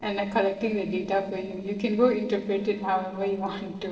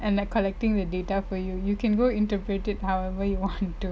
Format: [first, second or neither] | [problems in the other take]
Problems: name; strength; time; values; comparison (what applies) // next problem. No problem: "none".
second | noise reduction (neural separator model SepFormer DNS4)